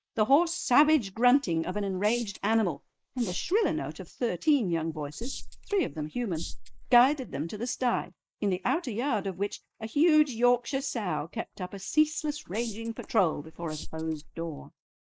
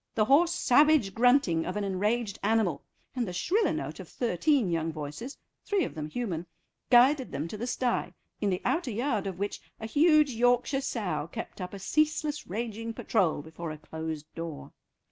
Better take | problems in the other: second | noise reduction (neural mask model Resemble Enhance denoiser)

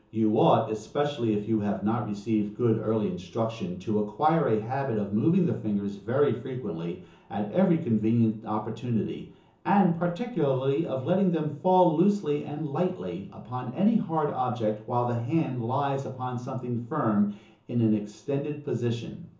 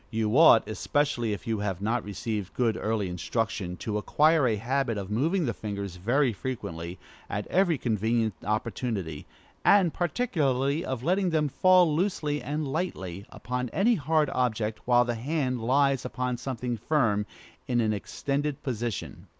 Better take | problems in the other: second | room echo; dies away in 0.6 s

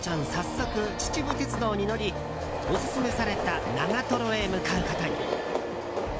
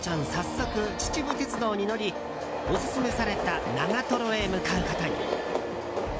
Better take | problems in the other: second | background sound (Accelerating, revving, vroom / Motor vehicle (road)); 13 dB below the speech

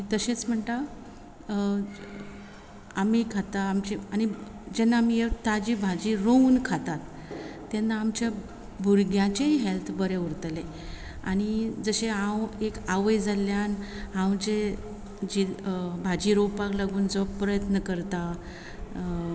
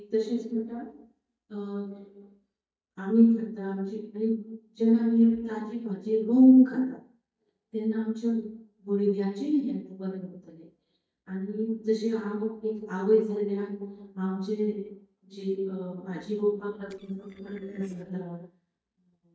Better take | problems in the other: first | noise reduction (neural mask model DeepFilterNet 3)

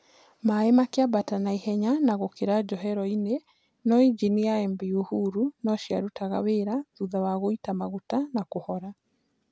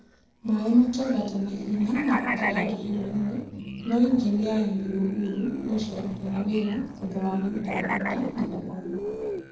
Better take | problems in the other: first | noise reduction (neural separator model SepFormer DNS4)

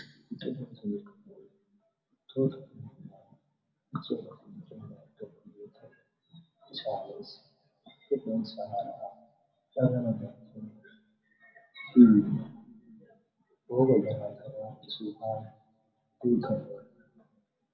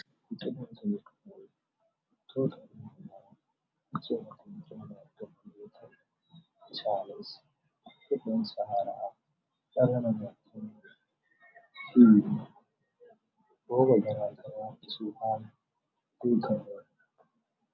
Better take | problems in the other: second | room echo; dies away in 0.5 s

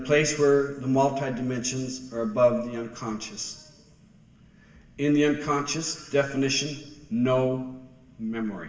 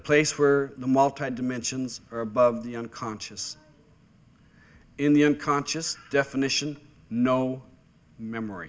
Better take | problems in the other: second | room echo; dies away in 1.1 s

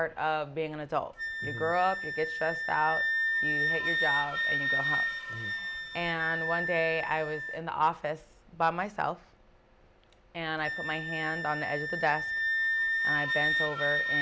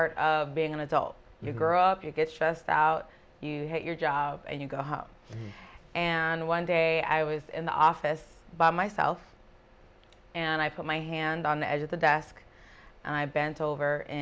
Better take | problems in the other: second | background sound (Wind instrument, woodwind instrument); 1 dB above the speech

